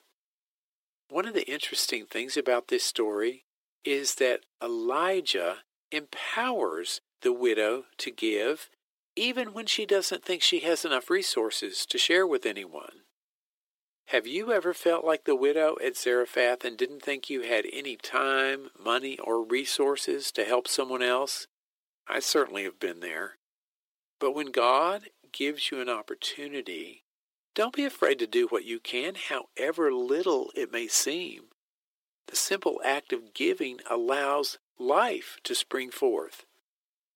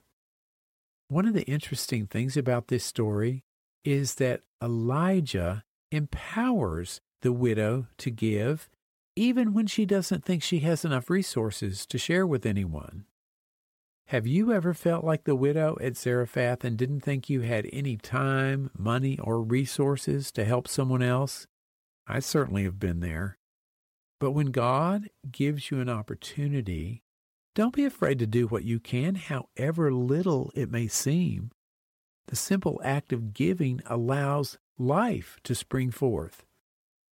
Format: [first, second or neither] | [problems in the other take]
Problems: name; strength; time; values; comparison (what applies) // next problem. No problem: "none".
second | thin; very; fading below 350 Hz